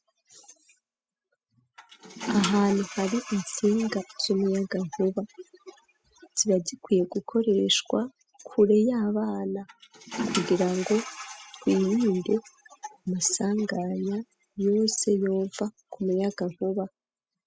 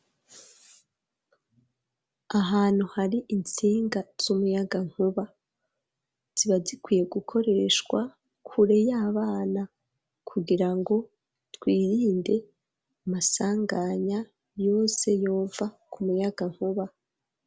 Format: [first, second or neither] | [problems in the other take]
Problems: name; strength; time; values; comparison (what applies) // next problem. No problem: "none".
second | noise reduction (classical method spectral subtraction)